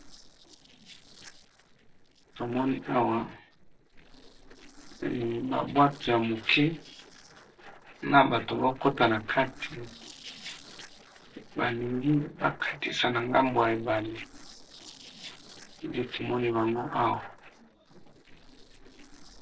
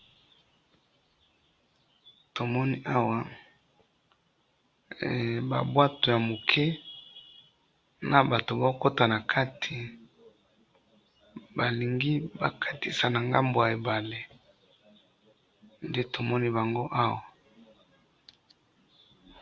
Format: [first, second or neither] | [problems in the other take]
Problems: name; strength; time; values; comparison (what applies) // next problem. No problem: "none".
second | noise reduction (neural separator model SepFormer DNS4)